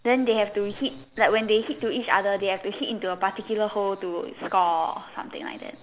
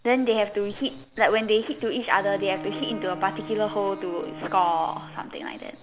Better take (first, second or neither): first